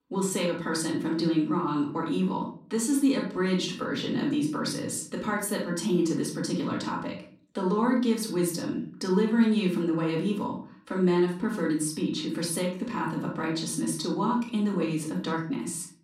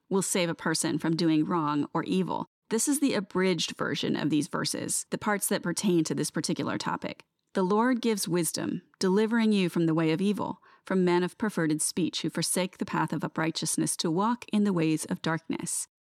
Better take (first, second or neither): second